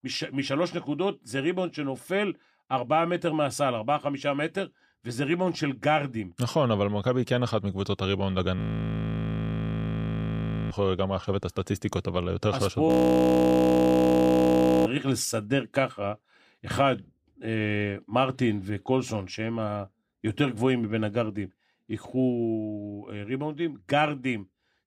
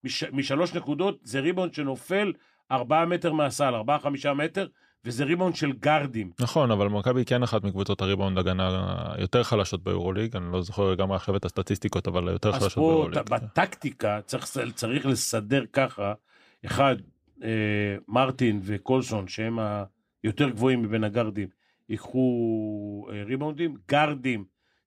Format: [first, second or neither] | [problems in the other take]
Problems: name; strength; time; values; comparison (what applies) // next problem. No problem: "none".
second | audio freezing; at 8.5 s for 2 s and at 13 s for 2 s